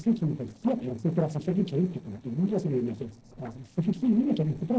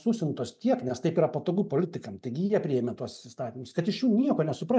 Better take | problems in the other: second | noise reduction (neural separator model SepFormer DNS4)

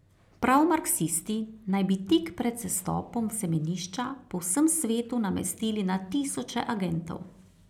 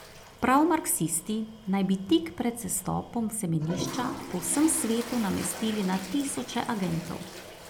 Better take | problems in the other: first | background sound (Toilet flush); 12 dB below the speech

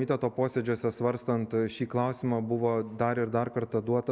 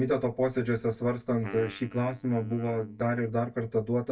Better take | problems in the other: first | noise reduction (neural mask model DeepFilterNet 3)

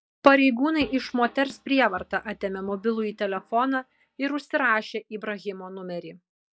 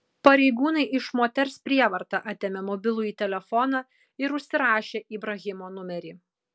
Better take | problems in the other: second | noise reduction (neural mask model DeepFilterNet 3)

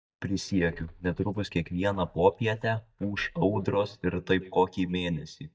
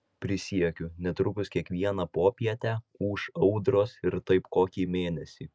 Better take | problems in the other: second | noise reduction (neural mask model DeepFilterNet 3)

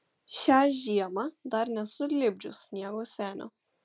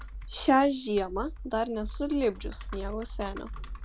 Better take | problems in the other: first | background sound (Computer keyboard); 10 dB below the speech

